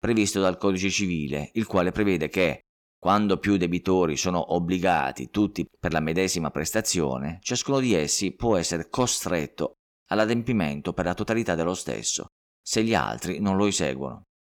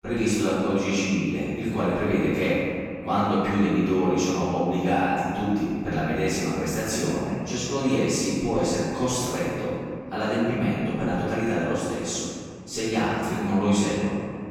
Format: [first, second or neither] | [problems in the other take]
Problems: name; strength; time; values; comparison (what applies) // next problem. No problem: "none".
first | off-mic speech; far // room echo; strong; dies away in 2.2 s